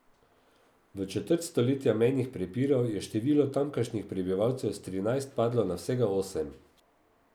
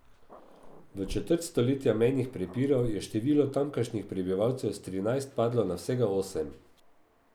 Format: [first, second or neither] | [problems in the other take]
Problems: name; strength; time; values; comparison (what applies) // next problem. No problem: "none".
first | background sound (Growling); 18 dB below the speech